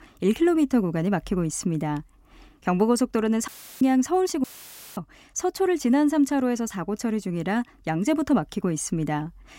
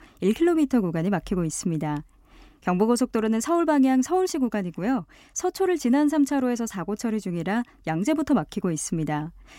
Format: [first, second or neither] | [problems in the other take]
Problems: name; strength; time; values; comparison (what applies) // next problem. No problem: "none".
second | audio cutting out; filled with static; at 3.5 s and at 4.5 s for 0.5 s